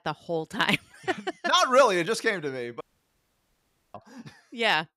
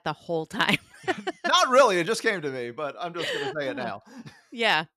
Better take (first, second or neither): second